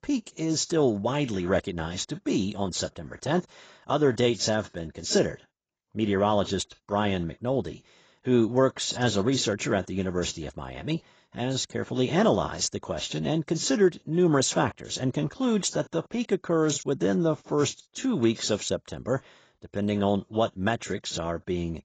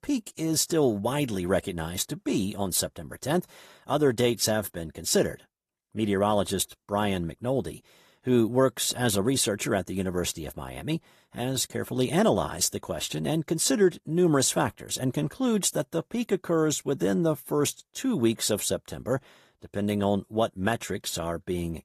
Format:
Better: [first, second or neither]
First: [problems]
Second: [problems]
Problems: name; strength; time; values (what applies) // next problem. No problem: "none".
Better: second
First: garbled, watery; badly; nothing above 7.5 kHz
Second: garbled, watery; slightly; nothing above 14 kHz